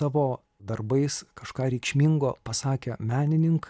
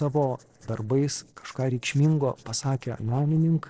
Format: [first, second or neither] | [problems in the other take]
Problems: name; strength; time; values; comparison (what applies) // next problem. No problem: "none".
first | noise reduction (neural separator model SepFormer DNS4)